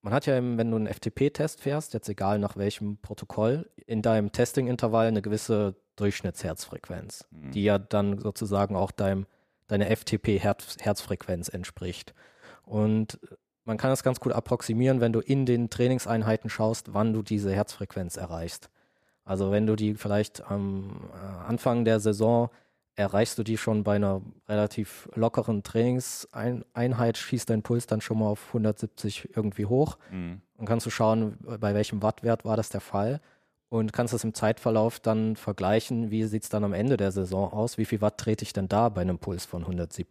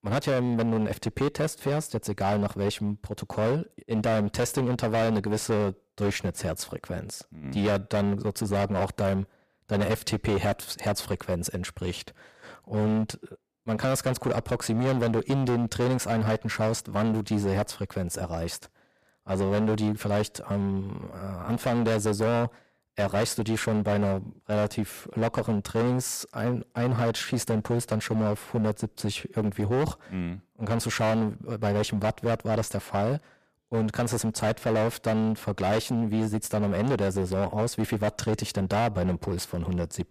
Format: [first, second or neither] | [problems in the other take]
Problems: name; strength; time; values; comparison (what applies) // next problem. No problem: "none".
first | distortion; heavy; 15% of the sound clipped